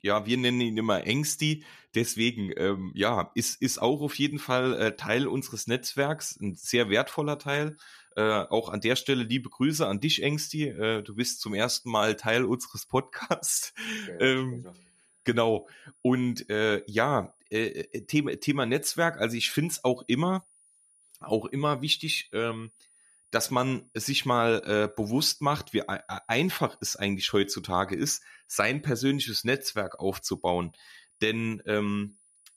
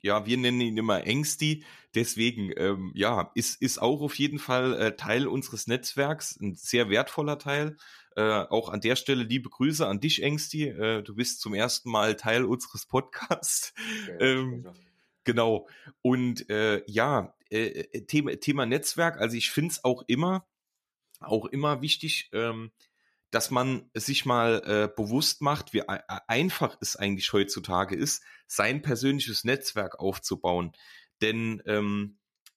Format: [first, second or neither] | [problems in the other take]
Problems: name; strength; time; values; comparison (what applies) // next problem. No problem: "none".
second | high-pitched whine; faint; from 4 s on; 10 kHz, 30 dB below the speech